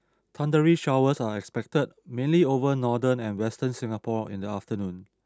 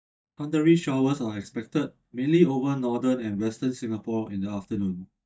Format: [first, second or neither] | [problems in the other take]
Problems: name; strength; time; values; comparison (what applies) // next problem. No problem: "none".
first | noise reduction (neural mask model DeepFilterNet 3)